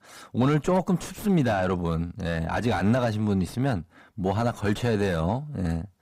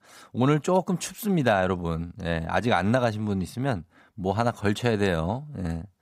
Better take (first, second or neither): second